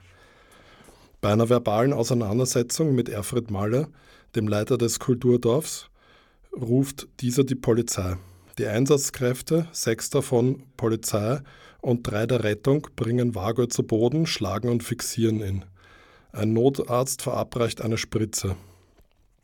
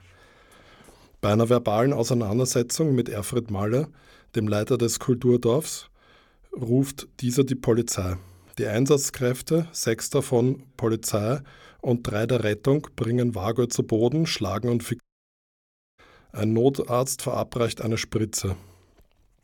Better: first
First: none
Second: audio cutting out; at 15 s for 1 s

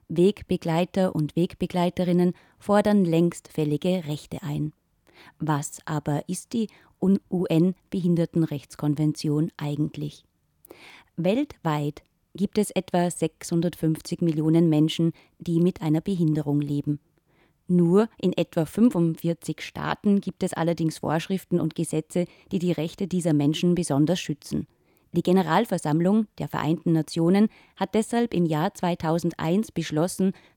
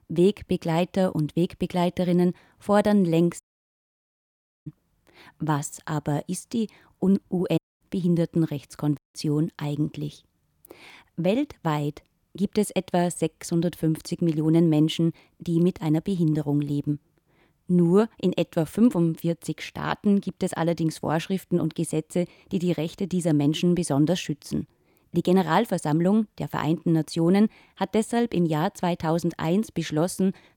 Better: first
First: none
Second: audio cutting out; at 3.5 s for 1.5 s, at 7.5 s and at 9 s

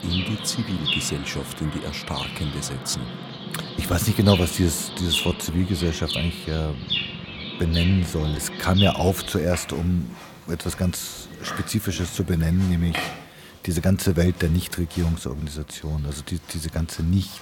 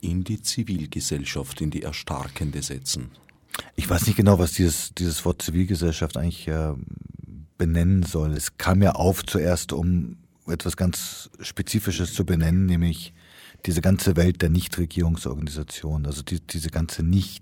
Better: second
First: animal sounds; loud; throughout; 5 dB below the speech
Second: none

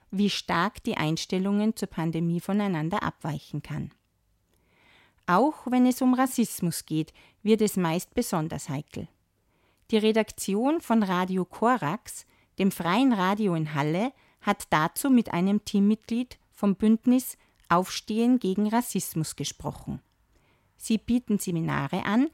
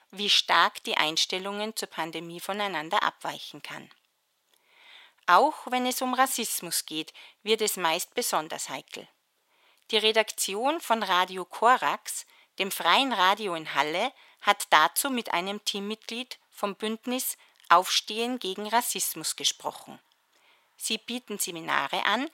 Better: first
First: none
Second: thin; very; fading below 650 Hz

